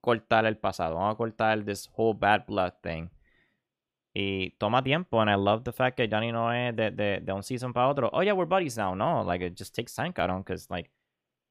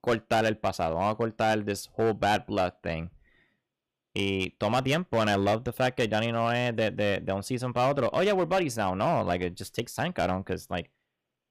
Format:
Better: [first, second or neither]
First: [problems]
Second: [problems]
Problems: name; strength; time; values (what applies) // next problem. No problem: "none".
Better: first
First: none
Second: distortion; slight; 6% of the sound clipped